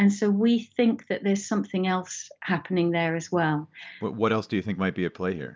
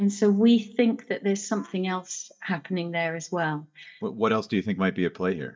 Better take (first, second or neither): first